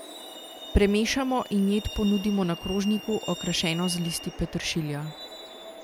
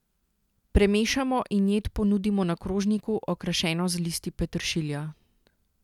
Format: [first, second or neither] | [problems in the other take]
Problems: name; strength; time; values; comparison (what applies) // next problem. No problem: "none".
second | background sound (Truck); 13 dB below the speech